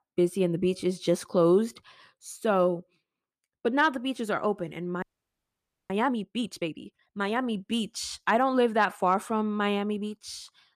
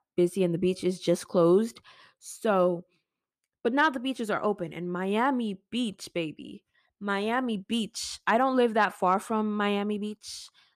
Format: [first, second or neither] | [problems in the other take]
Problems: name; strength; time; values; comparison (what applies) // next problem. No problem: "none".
second | audio freezing; at 5 s for 1 s